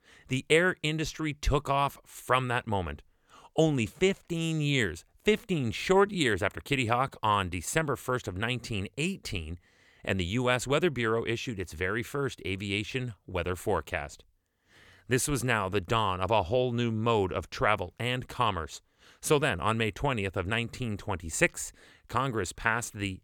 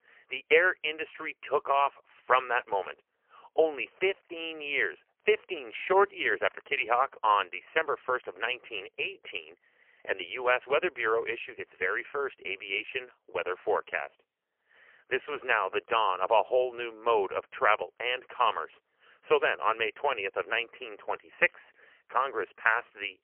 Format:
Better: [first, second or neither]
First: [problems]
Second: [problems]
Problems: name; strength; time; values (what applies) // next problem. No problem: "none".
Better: first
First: none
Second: phone-call audio; poor line; nothing above 3 kHz